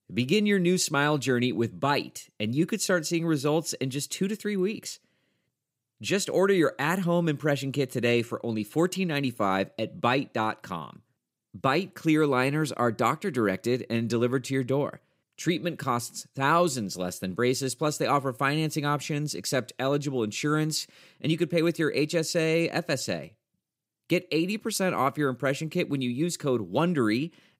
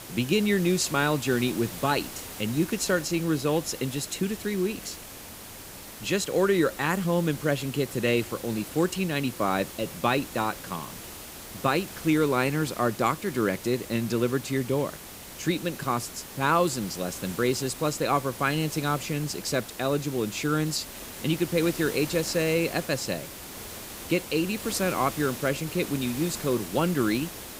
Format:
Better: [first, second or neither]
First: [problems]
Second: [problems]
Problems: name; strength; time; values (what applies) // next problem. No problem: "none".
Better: first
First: none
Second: hiss; noticeable; throughout; 10 dB below the speech